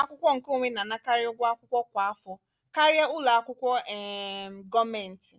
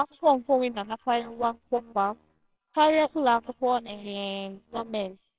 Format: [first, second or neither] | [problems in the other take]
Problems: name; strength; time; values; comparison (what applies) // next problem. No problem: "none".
first | noise reduction (neural separator model SepFormer WHAMR!)